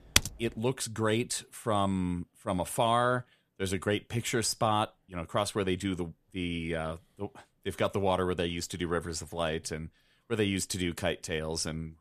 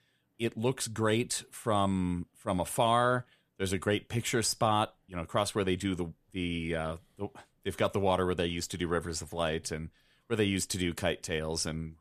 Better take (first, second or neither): second